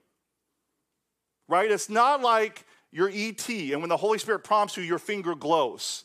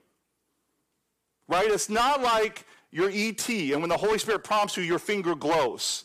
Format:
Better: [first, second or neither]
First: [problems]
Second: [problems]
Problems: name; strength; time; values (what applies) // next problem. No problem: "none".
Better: first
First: none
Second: distortion; heavy; 11% of the sound clipped